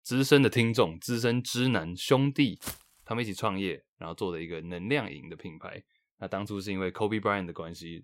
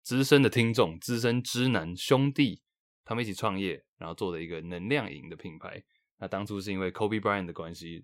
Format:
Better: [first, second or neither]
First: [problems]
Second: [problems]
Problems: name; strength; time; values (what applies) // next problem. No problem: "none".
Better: second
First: footsteps; faint; at 2.5 s; peak 10 dB below the speech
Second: none